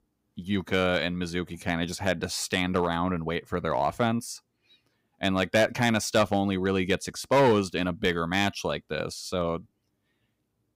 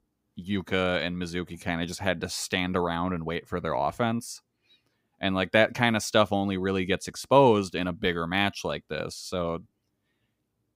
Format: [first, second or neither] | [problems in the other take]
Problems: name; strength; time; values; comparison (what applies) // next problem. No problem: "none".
second | distortion; slight; 1.8% of the sound clipped